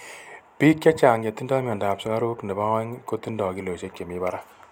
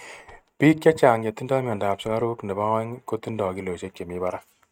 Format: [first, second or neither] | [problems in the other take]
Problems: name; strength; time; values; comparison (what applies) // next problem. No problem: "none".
first | noise reduction (neural mask model RNNoise)